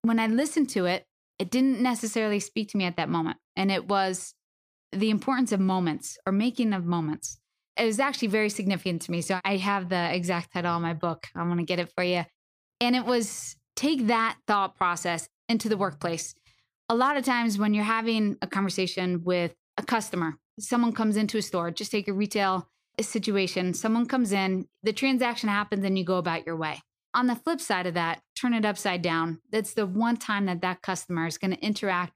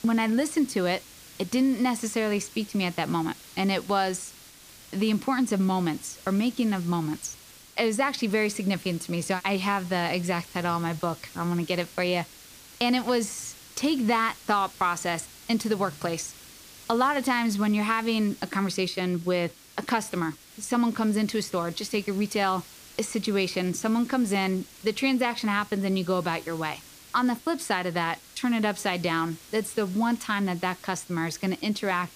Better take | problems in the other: first | hiss; noticeable; throughout; 20 dB below the speech

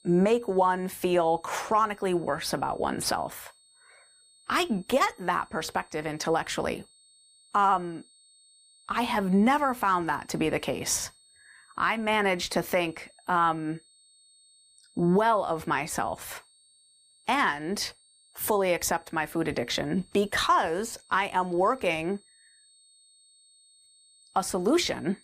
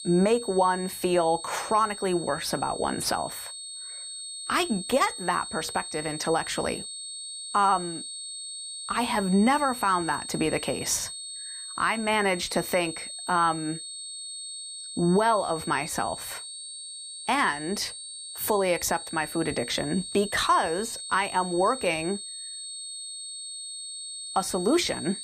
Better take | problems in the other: first | high-pitched whine; loud; throughout; 8.5 kHz, 9 dB below the speech; faint in the first

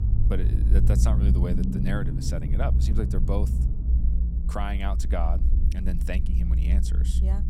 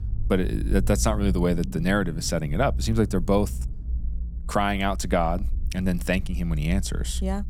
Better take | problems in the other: second | low rumble; loud; throughout; 4 dB below the speech; faint in the second

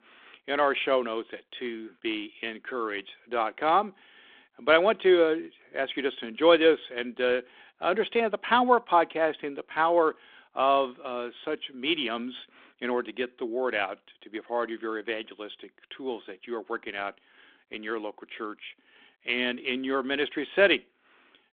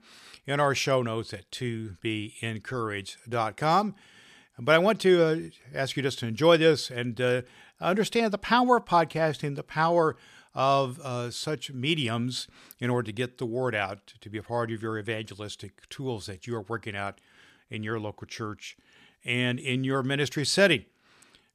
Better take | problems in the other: second | phone-call audio; nothing above 3.5 kHz

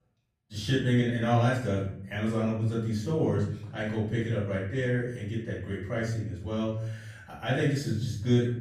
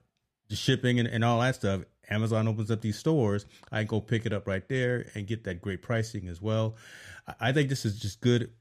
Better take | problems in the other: second | off-mic speech; far // room echo; noticeable; dies away in 0.6 s

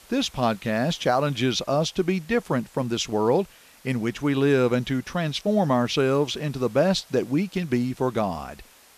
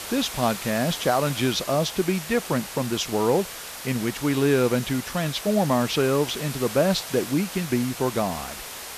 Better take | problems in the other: first | hiss; loud; throughout; 9 dB below the speech; faint in the first

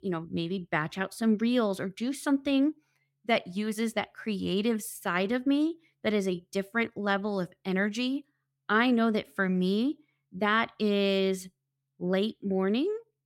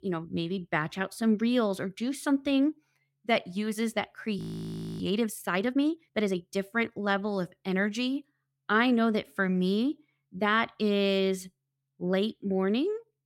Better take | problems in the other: first | audio freezing; at 4.5 s for 0.5 s

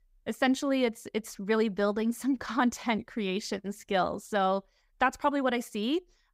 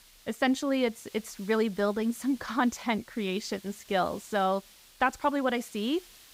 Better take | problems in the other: first | hiss; faint; throughout; 20 dB below the speech

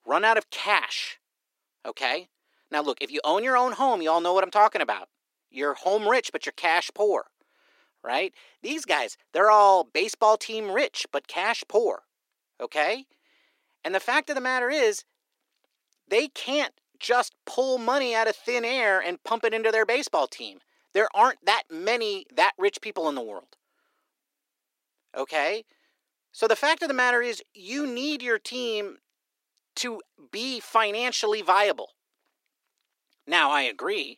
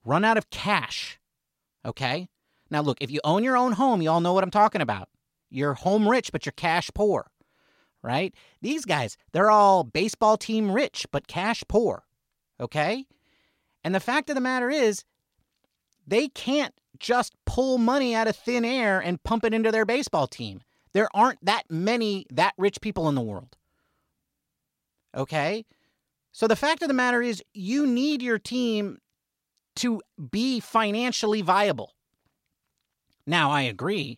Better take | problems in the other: second | thin; somewhat; fading below 350 Hz

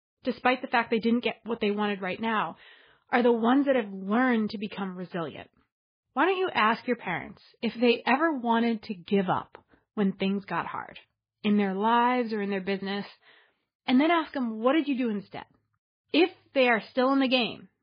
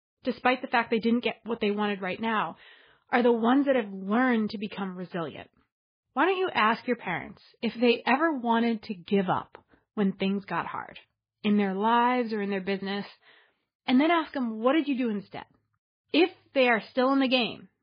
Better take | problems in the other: neither | garbled, watery; badly; nothing above 4 kHz; the same in both

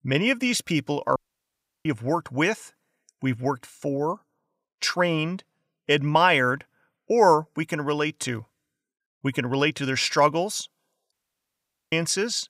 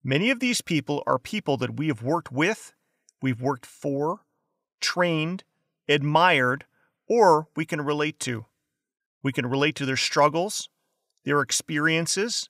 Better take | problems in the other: second | audio cutting out; at 1 s for 0.5 s and at 11 s for 1 s

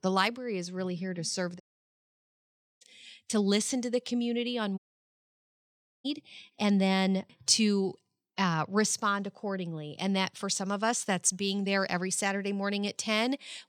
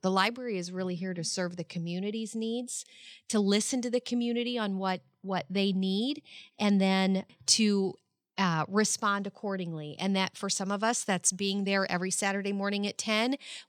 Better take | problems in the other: second | audio cutting out; at 1.5 s for 1 s and at 5 s for 1.5 s

